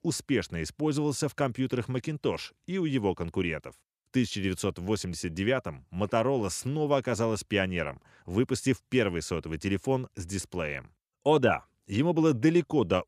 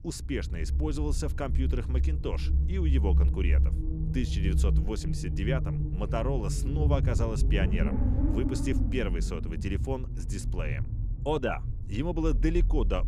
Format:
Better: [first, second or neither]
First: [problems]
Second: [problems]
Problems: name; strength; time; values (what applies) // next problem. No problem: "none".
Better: first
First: none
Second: low rumble; loud; throughout; 7 dB below the speech